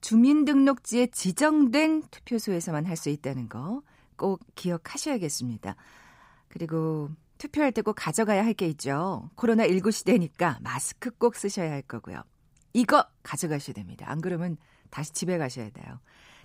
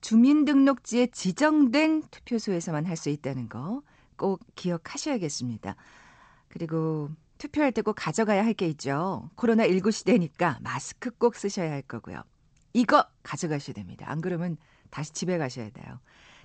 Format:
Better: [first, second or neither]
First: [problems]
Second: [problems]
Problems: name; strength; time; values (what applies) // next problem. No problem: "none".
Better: first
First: none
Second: garbled, watery; slightly; nothing above 8 kHz